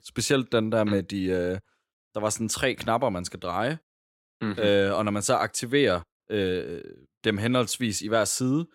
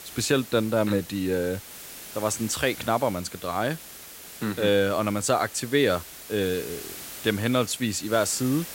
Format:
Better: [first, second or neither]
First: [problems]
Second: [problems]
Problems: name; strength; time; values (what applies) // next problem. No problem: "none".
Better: first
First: none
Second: hiss; noticeable; throughout; 15 dB below the speech